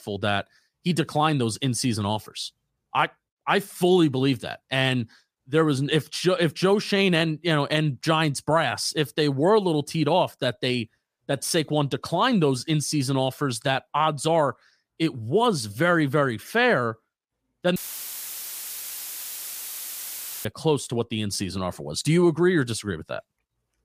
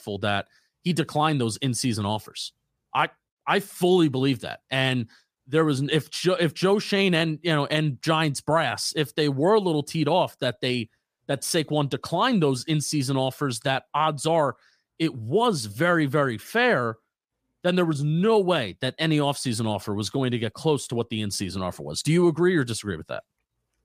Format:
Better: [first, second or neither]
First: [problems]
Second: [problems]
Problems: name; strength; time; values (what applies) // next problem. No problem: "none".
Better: second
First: audio cutting out; filled with static; at 18 s for 2.5 s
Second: none